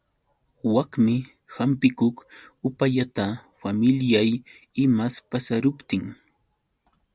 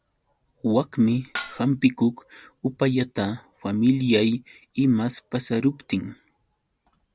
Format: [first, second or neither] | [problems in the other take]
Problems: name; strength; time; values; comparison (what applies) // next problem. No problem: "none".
first | background sound (Dishes, pots, and pans); 12 dB below the speech